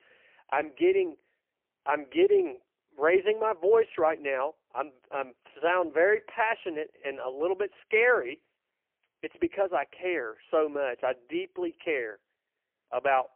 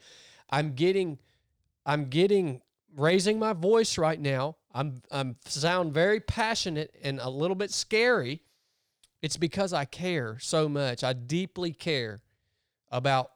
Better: second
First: phone-call audio; poor line; nothing above 3 kHz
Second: none

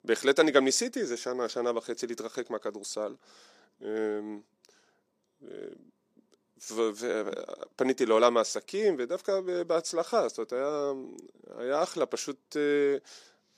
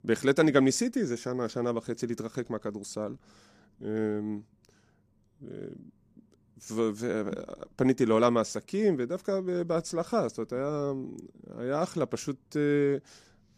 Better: second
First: thin; somewhat; fading below 450 Hz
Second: none

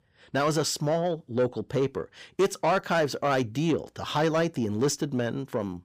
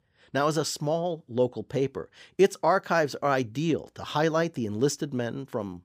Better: second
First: distortion; slight; 10 dB below the speech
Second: none

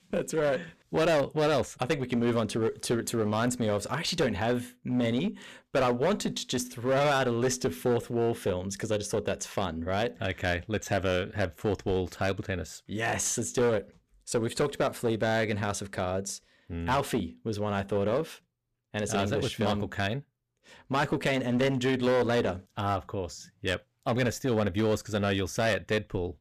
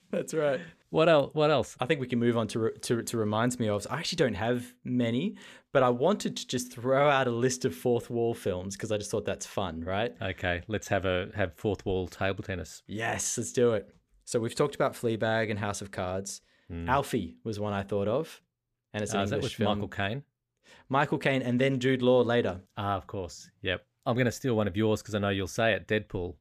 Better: second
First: distortion; slight; 10% of the sound clipped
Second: none

